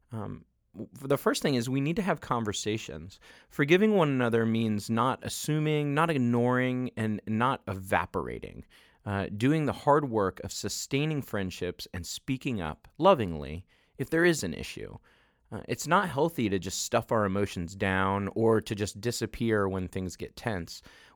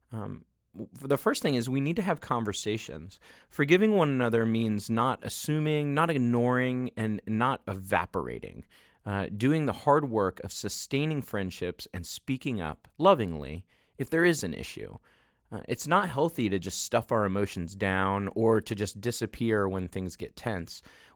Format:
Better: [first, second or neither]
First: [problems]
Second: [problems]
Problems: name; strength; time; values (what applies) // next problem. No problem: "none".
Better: first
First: none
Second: garbled, watery; slightly; nothing above 19 kHz